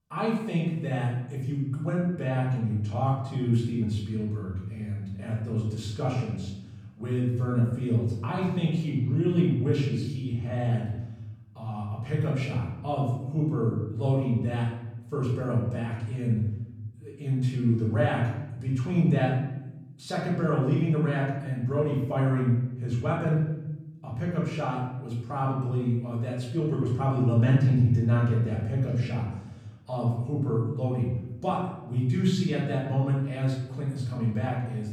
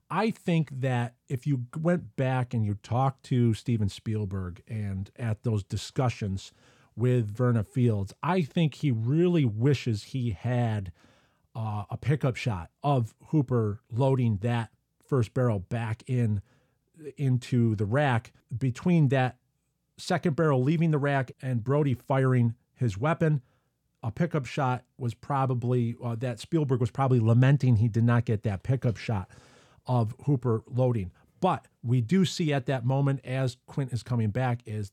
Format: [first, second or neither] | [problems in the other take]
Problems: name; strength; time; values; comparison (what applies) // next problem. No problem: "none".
second | off-mic speech; far // room echo; noticeable; dies away in 0.9 s